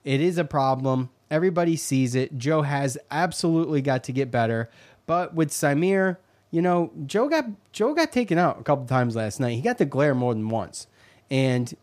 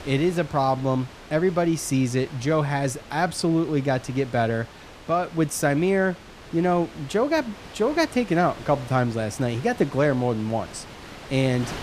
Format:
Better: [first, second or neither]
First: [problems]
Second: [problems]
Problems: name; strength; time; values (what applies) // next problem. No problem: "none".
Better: first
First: none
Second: wind noise on the microphone; occasional gusts; 15 dB below the speech